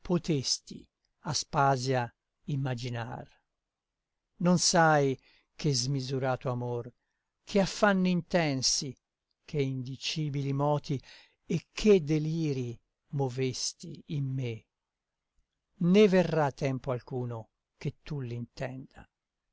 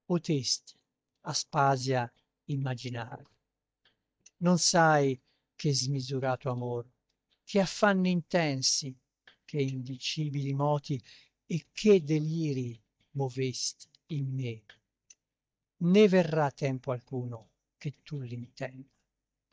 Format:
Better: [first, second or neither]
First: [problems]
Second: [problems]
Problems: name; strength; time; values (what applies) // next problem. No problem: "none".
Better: first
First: none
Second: noise reduction (neural mask model DeepFilterNet 3)